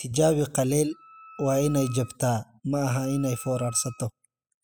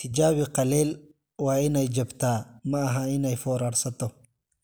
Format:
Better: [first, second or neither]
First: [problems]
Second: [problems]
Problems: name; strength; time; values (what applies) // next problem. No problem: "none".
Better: second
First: noise reduction (classical method spectral subtraction)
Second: none